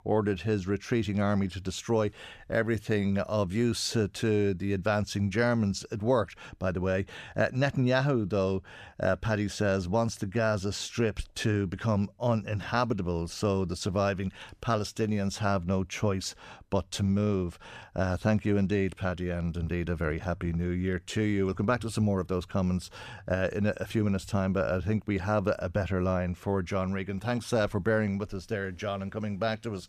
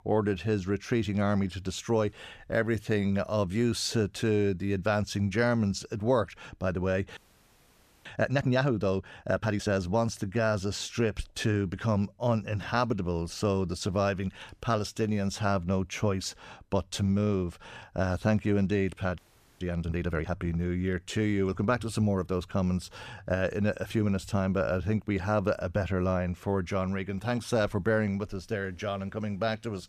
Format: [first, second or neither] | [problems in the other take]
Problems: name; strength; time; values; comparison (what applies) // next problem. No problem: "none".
first | audio freezing; at 7 s for 1 s and at 19 s